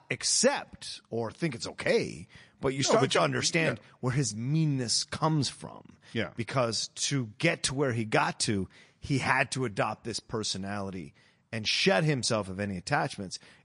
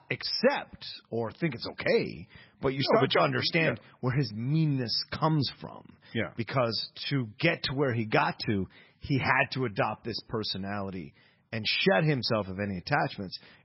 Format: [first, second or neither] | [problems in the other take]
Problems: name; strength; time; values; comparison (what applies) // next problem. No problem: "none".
first | garbled, watery; badly; nothing above 5.5 kHz; slightly in the first